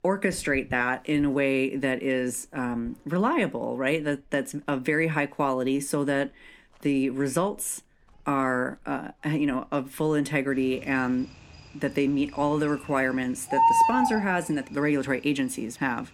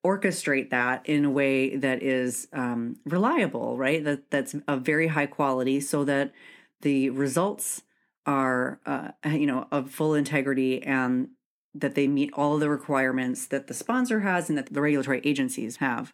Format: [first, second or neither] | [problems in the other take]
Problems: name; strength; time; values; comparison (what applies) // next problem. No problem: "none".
second | animal sounds; very loud; throughout; 3 dB above the speech